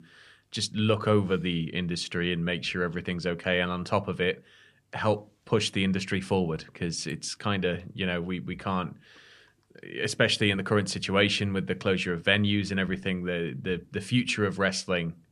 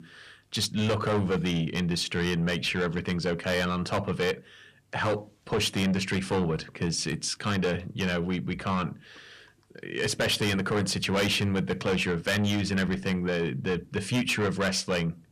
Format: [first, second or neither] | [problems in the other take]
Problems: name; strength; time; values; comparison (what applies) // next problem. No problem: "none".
first | distortion; heavy; 6 dB below the speech